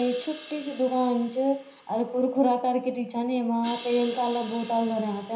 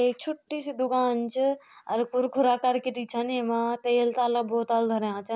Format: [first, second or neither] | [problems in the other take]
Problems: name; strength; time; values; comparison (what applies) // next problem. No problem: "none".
second | background sound (Crash cymbal); 20 dB below the speech // room echo; dies away in 0.5 s